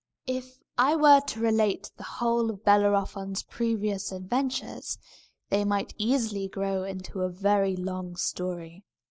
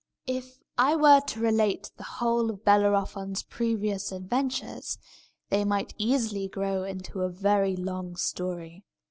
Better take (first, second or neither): second